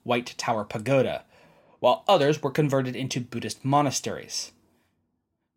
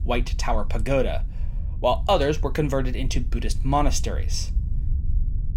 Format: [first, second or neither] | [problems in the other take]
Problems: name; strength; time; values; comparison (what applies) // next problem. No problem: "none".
first | low rumble; faint; throughout; 20 dB below the speech